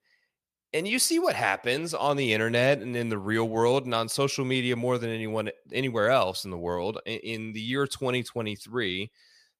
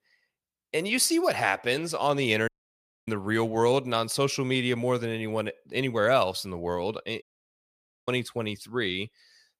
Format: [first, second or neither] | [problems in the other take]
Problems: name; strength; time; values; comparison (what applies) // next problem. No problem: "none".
first | audio cutting out; at 2.5 s for 0.5 s and at 7 s for 1 s